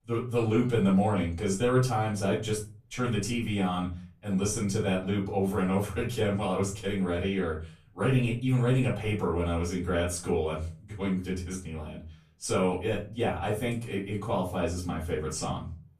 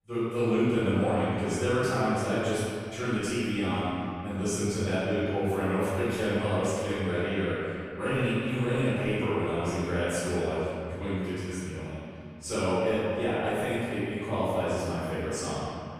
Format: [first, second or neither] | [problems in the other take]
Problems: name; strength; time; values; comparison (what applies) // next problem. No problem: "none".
first | room echo; strong; dies away in 2.4 s; slight in the first // off-mic speech; far; far in the first